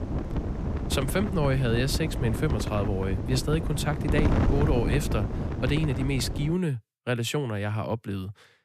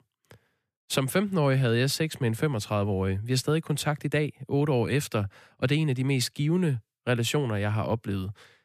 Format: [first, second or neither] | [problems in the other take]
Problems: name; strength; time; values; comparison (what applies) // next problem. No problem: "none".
second | wind noise on the microphone; heavy; until 6.5 s; 5 dB below the speech